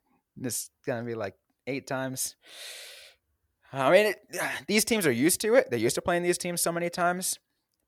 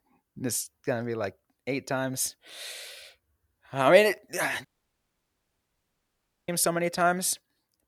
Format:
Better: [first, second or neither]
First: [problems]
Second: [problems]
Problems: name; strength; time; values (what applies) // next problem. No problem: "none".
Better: first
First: none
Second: audio cutting out; at 4.5 s for 2 s